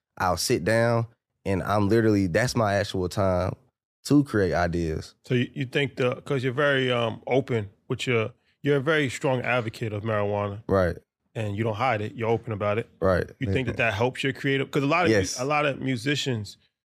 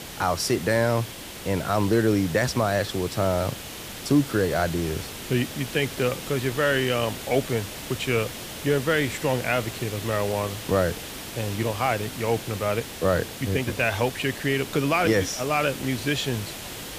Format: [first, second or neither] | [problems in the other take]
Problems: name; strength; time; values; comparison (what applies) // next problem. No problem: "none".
first | hiss; loud; throughout; 10 dB below the speech